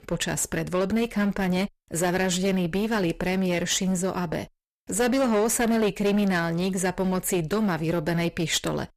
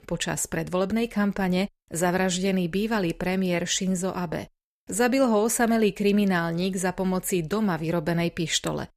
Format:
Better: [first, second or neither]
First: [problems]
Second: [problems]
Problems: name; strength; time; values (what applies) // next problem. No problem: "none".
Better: second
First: distortion; slight; 14% of the sound clipped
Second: none